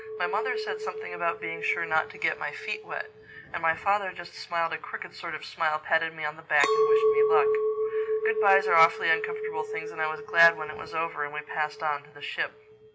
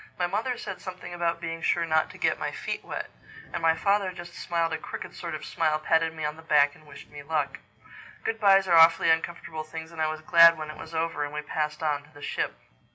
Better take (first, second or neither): second